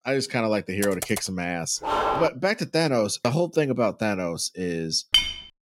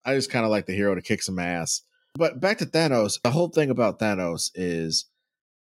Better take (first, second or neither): second